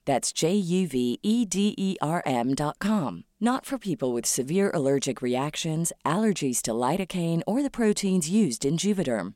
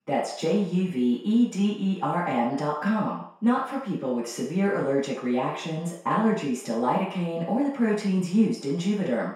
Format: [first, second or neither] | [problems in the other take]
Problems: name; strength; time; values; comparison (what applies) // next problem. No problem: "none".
first | room echo; noticeable; dies away in 0.6 s // off-mic speech; far